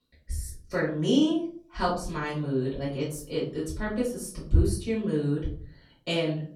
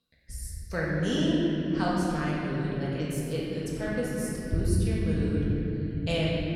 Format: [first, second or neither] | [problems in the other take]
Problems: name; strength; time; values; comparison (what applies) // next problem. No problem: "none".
first | room echo; strong; dies away in 3 s; slight in the first // off-mic speech; far; far in the first